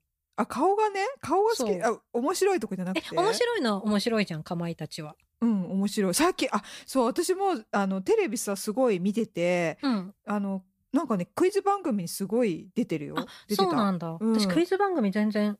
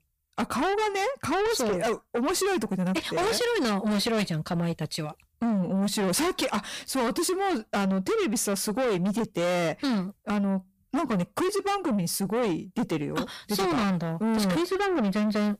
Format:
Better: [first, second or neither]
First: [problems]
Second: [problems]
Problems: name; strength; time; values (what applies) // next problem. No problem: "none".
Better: first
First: none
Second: distortion; heavy; 6 dB below the speech